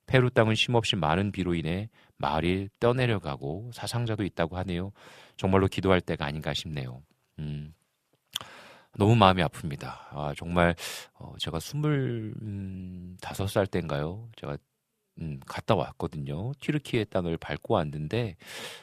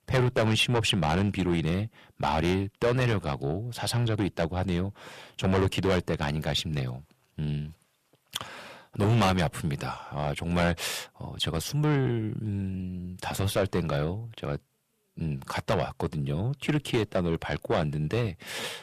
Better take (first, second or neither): first